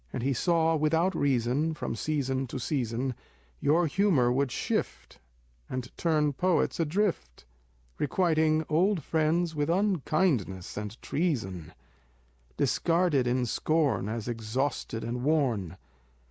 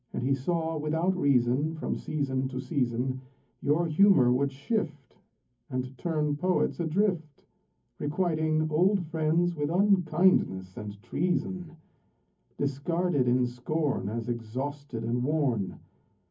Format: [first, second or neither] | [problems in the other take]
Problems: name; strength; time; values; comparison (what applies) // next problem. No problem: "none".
first | room echo; dies away in 0.3 s